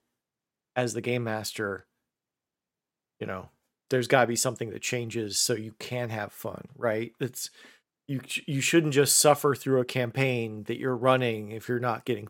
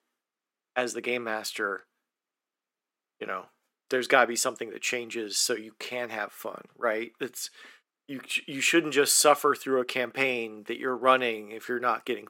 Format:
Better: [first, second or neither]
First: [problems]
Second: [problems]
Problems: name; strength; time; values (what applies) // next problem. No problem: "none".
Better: first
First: none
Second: thin; somewhat; fading below 250 Hz